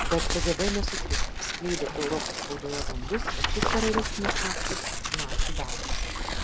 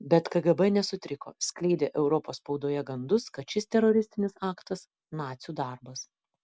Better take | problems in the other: second | background sound (Waves, surf + Tearing); 4 dB above the speech

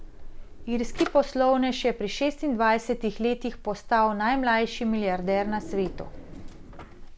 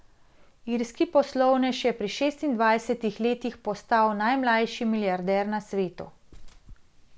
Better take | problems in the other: second | background sound (Drawer open or close); 11 dB below the speech

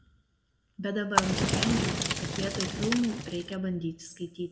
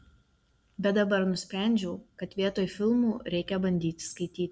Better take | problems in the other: second | background sound (Fire); 3 dB above the speech // room echo; dies away in 1.3 s

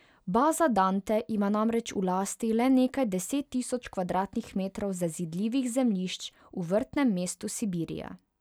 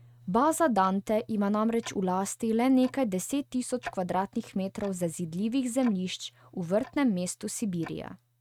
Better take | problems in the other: first | noise reduction (neural mask model RNNoise)

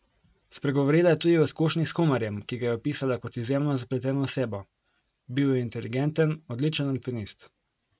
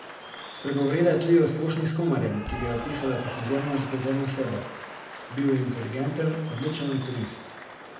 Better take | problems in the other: first | background sound (Applause / Cheering); 12 dB below the speech // room echo; dies away in 0.8 s

